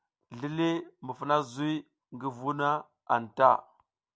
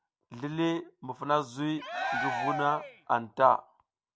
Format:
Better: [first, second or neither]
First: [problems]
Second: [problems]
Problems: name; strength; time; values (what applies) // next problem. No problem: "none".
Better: first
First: none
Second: background sound (Cheering); 3 dB below the speech